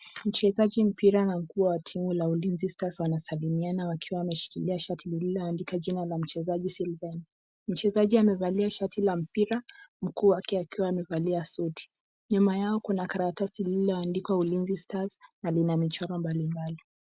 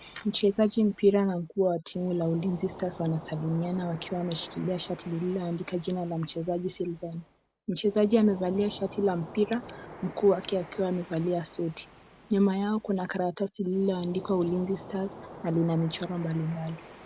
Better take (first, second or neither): first